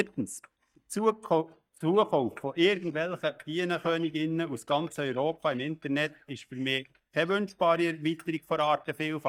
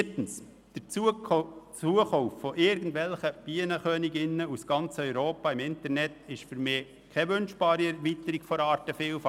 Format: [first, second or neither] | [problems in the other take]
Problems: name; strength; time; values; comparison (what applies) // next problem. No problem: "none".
second | noise reduction (neural mask model DeepFilterNet 3)